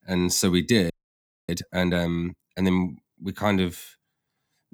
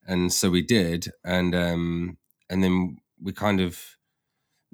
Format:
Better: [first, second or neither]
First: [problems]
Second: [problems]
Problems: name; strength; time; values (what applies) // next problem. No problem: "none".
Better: second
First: audio freezing; at 1 s for 0.5 s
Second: none